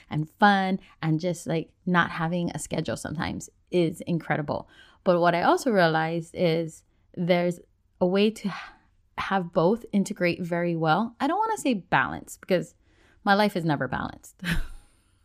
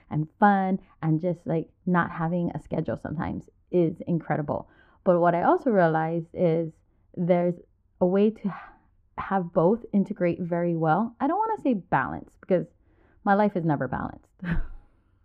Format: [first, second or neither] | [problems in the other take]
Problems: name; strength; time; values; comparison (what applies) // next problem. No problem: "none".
first | muffled; very; fading above 3 kHz